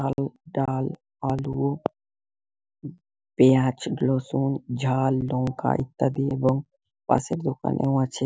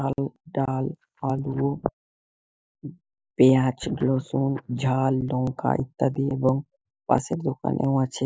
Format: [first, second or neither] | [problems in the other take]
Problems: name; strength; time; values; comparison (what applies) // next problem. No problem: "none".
first | noise reduction (neural mask model Resemble Enhance denoiser)